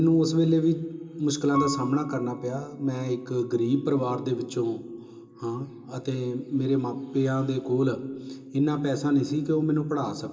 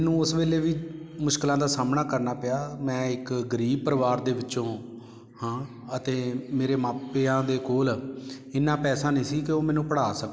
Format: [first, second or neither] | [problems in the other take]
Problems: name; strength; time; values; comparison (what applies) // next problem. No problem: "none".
second | background sound (Piano); 18 dB below the speech // room echo; dies away in 0.2 s